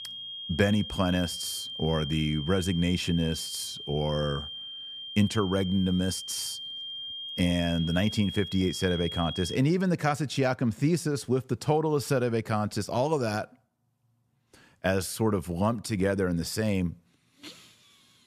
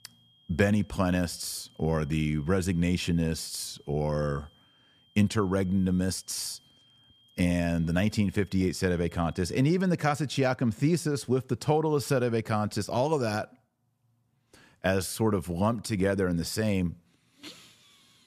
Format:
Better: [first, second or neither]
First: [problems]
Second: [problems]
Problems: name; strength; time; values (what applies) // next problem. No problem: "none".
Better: second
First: high-pitched whine; loud; until 9.5 s; 3 kHz, 8 dB below the speech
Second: high-pitched whine; faint; until 9.5 s; 3 kHz, 30 dB below the speech